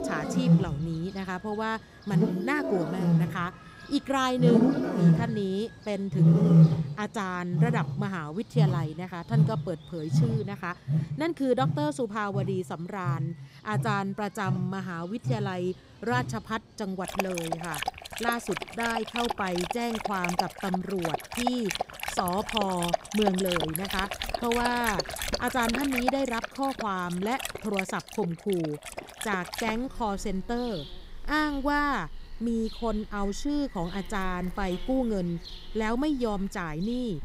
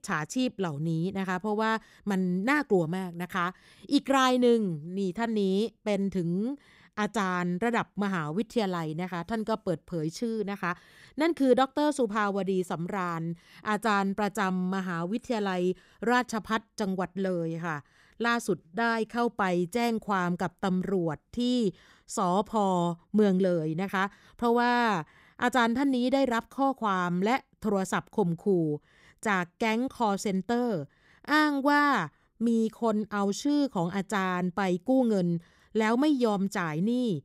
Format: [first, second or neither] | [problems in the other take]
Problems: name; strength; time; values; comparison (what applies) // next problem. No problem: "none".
second | animal sounds; very loud; throughout; 2 dB above the speech